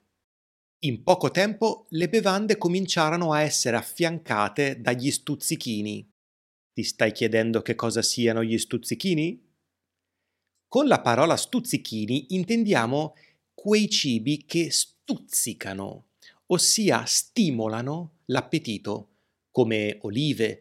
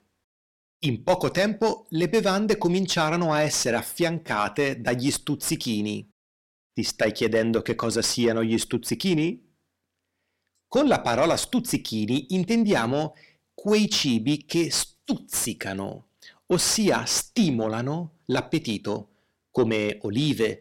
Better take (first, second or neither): first